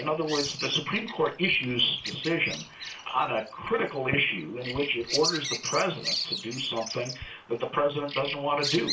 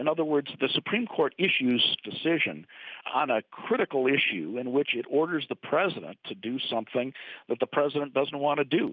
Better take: second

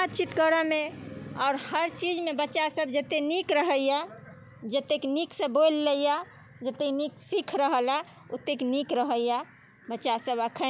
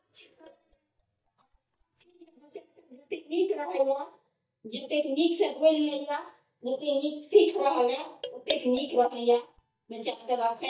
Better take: first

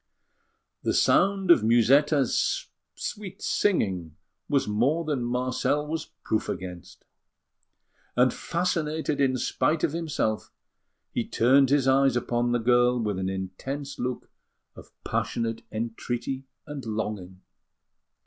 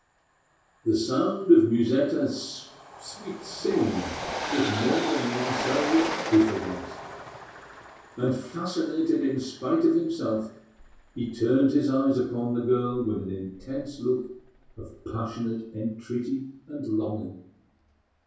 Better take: first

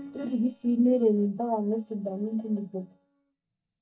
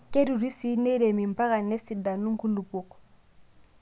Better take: second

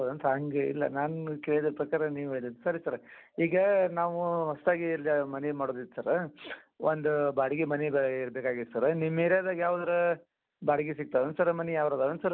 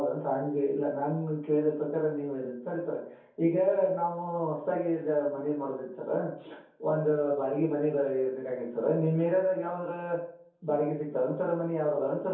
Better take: first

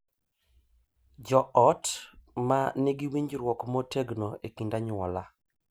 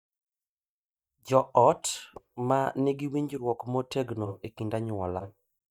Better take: first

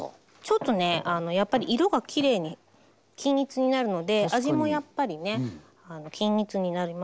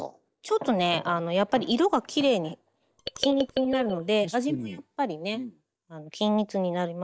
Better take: first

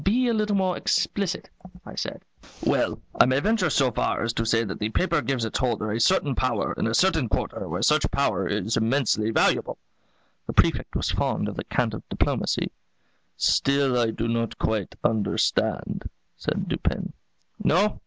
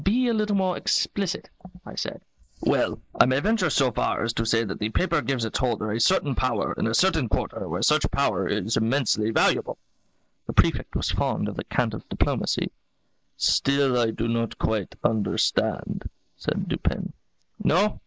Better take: first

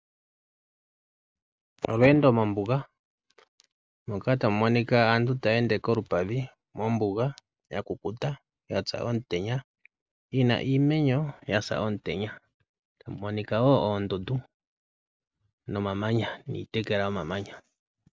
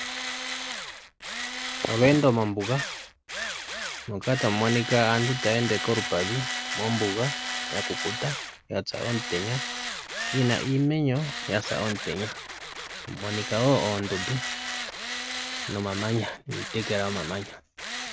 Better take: first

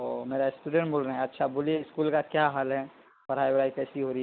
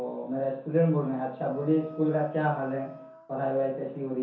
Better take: first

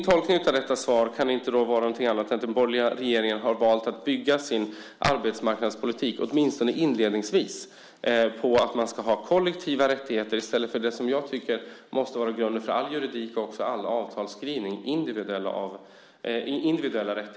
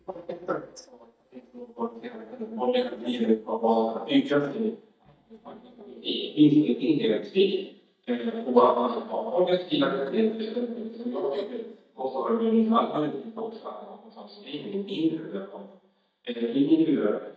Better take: first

